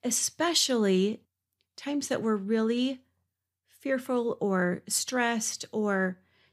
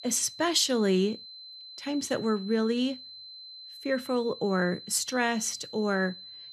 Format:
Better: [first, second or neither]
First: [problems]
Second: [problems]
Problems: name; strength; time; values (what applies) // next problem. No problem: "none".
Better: first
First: none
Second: high-pitched whine; noticeable; throughout; 4 kHz, 15 dB below the speech